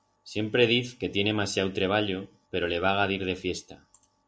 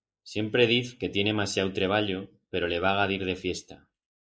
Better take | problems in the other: first | noise reduction (neural mask model Resemble Enhance denoiser)

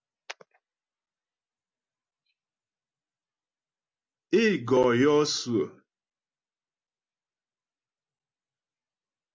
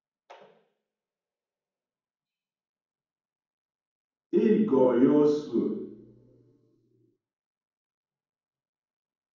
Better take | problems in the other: first | room echo; dies away in 1.2 s

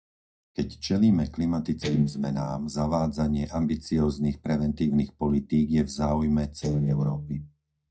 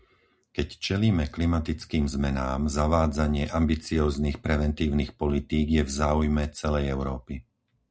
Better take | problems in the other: second | noise reduction (neural mask model DeepFilterNet 3)

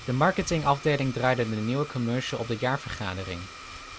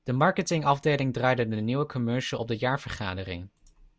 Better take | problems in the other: second | background sound (Domestic sounds, home sounds); 15 dB below the speech

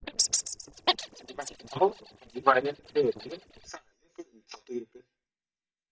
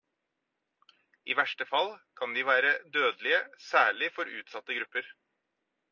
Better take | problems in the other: second | noise reduction (neural mask model DeepFilterNet 3)

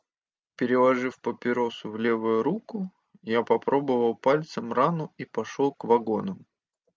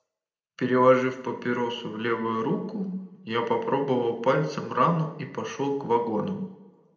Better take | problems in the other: first | room echo; dies away in 0.8 s

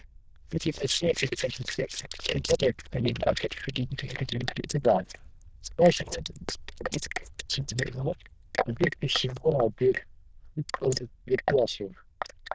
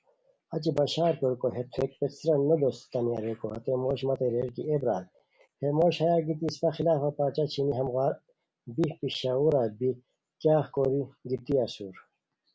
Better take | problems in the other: second | noise reduction (neural diffusion model UNIVERSE++)

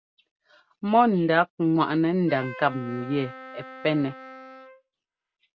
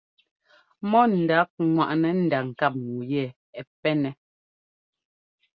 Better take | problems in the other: second | background sound (Wind instrument, woodwind instrument); 16 dB below the speech

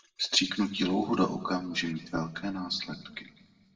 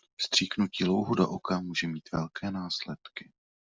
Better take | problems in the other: second | room echo; dies away in 1.2 s

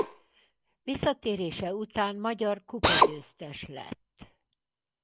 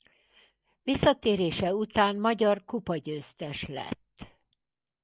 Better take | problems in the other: second | background sound (Drill); 1 dB above the speech

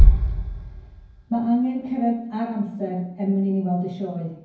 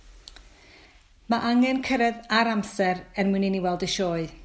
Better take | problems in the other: second | background sound (Bass drum); 2 dB above the speech // room echo; dies away in 0.9 s

